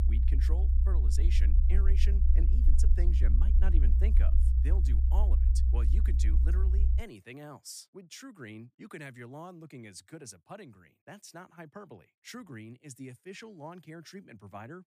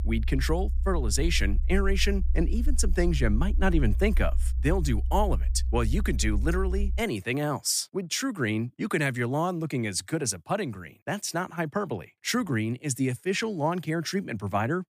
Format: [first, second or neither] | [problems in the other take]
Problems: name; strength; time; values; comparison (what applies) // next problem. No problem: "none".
second | low rumble; loud; until 7 s; 1 dB below the speech; faint in the second